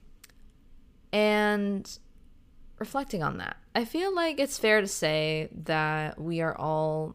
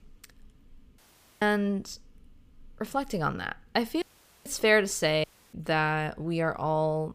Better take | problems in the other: first | audio cutting out; at 1 s, at 4 s and at 5 s

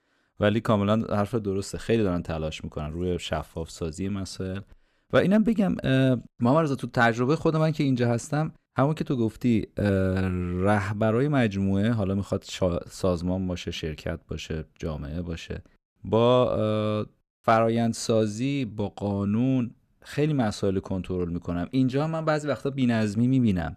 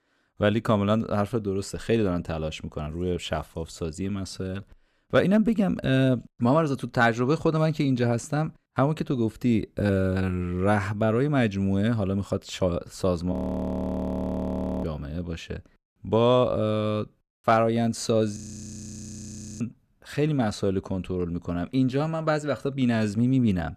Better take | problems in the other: first | audio freezing; at 13 s for 1.5 s and at 18 s for 1 s

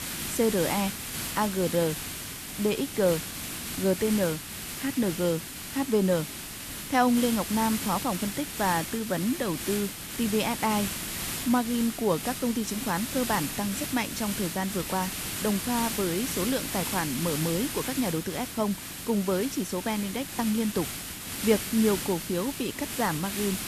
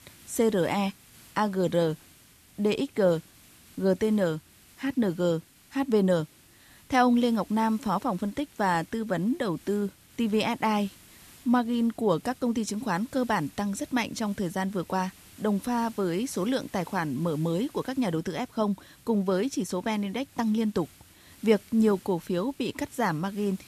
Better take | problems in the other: second | hiss; loud; throughout; 5 dB below the speech; faint in the second

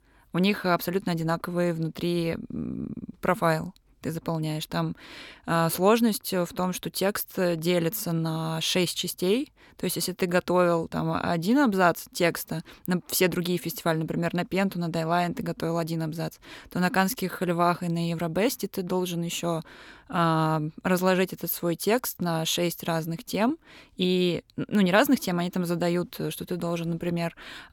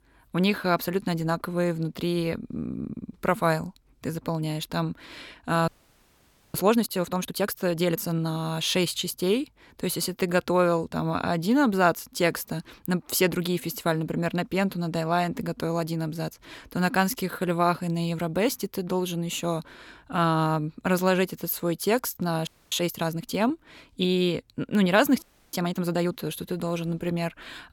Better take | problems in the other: first | audio freezing; at 5.5 s for 1 s, at 22 s and at 25 s

